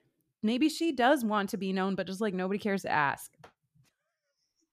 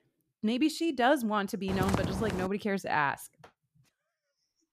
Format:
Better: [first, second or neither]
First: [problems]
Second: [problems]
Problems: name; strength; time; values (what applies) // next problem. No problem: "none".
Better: first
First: none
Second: footsteps; noticeable; at 1.5 s; peak 2 dB below the speech